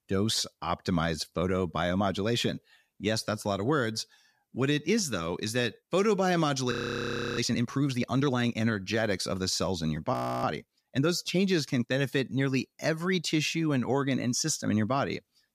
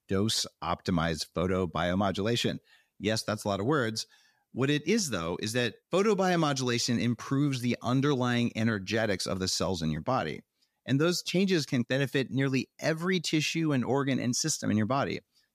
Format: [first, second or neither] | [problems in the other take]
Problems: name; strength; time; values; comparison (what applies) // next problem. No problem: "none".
second | audio freezing; at 6.5 s for 0.5 s and at 10 s